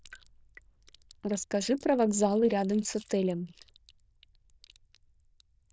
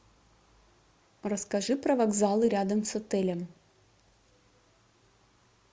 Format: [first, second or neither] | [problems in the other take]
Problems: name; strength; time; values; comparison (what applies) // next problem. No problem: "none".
second | noise reduction (neural diffusion model UNIVERSE++)